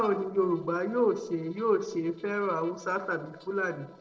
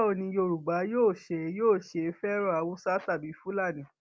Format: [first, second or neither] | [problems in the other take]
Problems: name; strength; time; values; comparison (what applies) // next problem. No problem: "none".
second | noise reduction (neural separator model SepFormer DNS4)